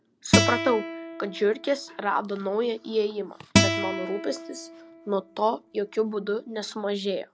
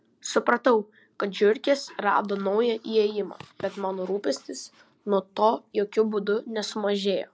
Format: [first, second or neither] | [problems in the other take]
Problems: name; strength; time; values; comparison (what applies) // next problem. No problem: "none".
second | background sound (Acoustic guitar); 1 dB below the speech